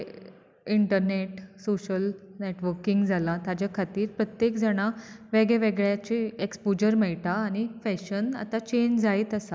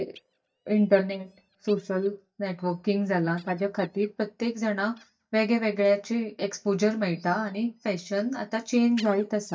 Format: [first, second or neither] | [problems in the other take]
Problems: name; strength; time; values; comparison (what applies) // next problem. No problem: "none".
first | noise reduction (neural mask model DeepFilterNet 3)